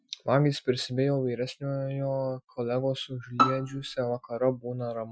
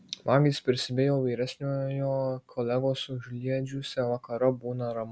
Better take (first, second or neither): second